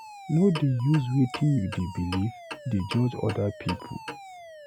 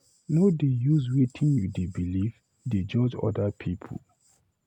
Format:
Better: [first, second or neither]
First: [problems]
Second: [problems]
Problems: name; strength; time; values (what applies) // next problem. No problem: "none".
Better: second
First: background sound (Clock + Alarm); 13 dB below the speech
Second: none